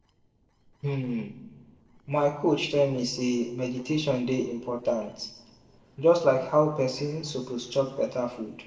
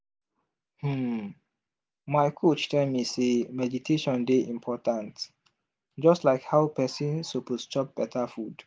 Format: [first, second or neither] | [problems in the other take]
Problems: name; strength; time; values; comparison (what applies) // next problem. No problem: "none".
second | noise reduction (neural separator model SepFormer DNS4)